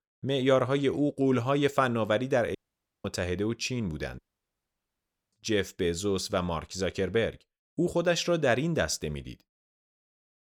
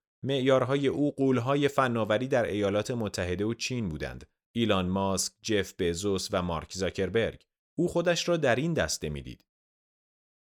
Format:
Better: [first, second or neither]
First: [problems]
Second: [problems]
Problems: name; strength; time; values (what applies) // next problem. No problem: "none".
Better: second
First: audio cutting out; at 2.5 s and at 4 s for 1 s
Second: none